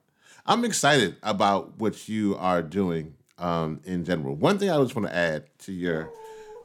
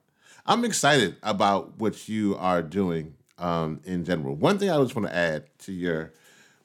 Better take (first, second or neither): second